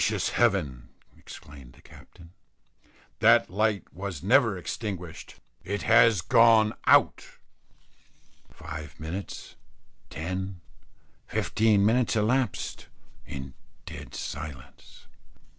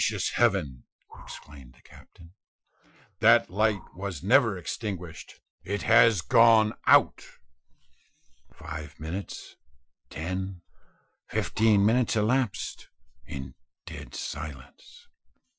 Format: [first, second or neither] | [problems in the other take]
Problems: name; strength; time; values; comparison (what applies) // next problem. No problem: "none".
first | noise reduction (classical method Wiener filter)